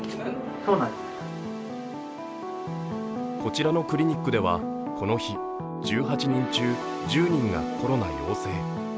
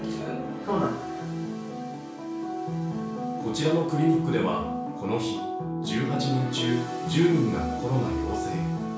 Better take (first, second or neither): first